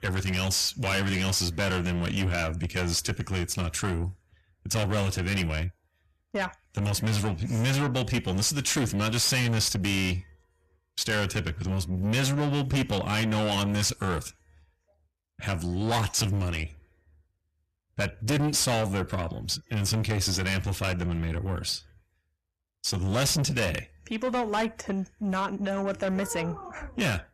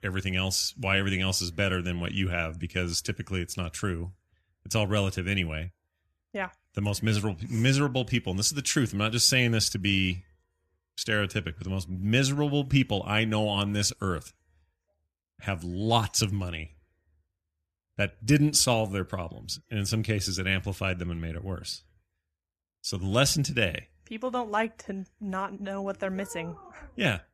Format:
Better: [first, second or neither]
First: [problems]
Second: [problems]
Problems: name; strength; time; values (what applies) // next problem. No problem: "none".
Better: second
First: distortion; heavy; 5 dB below the speech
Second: none